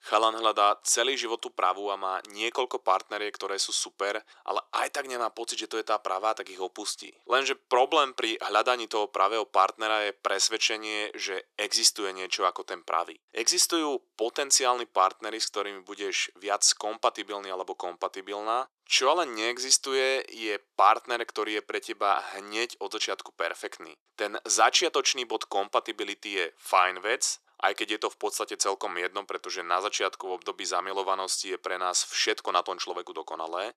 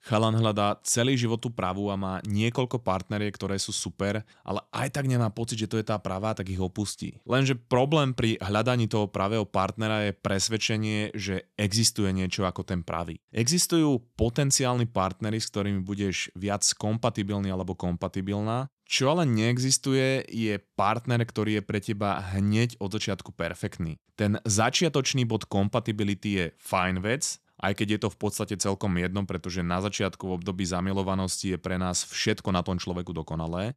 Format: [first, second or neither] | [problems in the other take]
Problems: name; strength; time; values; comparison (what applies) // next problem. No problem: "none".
second | thin; very; fading below 350 Hz